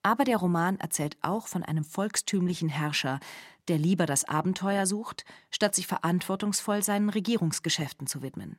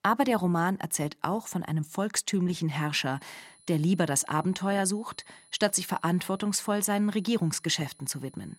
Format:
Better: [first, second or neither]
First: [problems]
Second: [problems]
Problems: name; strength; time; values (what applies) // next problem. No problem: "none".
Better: first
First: none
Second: high-pitched whine; faint; from 3 s on; 10 kHz, 30 dB below the speech